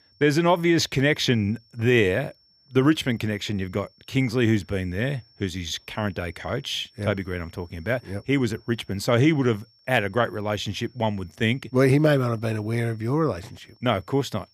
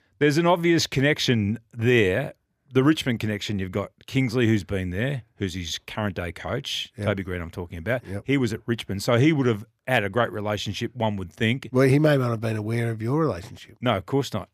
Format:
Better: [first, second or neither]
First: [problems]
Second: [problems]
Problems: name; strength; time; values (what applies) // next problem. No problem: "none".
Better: second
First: high-pitched whine; faint; throughout; 5.5 kHz, 35 dB below the speech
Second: none